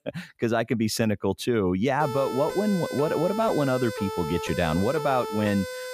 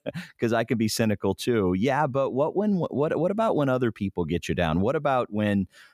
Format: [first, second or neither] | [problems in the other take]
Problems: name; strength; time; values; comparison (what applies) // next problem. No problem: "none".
second | siren; noticeable; from 2 s on; peak 7 dB below the speech